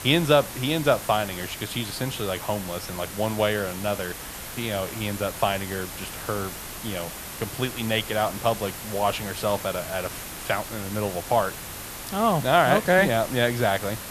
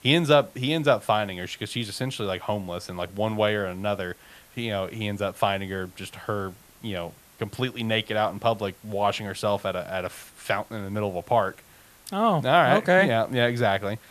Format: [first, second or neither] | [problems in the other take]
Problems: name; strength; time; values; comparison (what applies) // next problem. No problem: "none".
second | hiss; loud; throughout; 9 dB below the speech; faint in the second